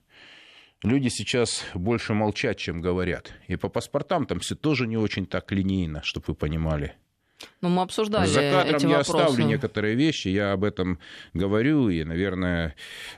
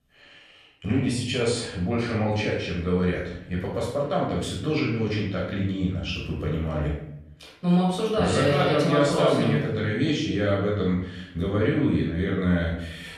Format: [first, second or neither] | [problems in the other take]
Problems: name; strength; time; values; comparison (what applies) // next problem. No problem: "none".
first | off-mic speech; far // room echo; noticeable; dies away in 0.7 s